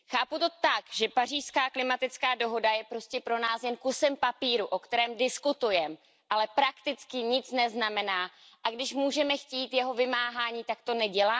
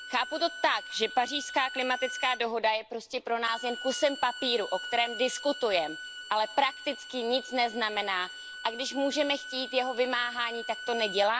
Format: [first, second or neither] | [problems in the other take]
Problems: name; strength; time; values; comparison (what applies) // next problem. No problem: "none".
first | background sound (Bowed string instrument); 11 dB below the speech